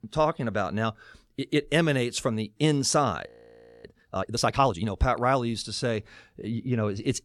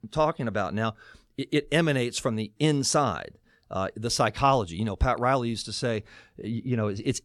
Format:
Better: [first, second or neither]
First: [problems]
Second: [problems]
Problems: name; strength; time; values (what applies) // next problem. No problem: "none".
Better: second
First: audio freezing; at 3.5 s for 0.5 s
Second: none